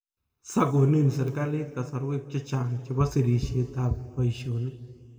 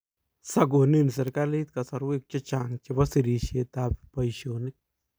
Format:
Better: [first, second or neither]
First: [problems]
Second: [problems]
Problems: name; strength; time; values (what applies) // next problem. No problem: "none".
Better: second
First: room echo; dies away in 1.8 s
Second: none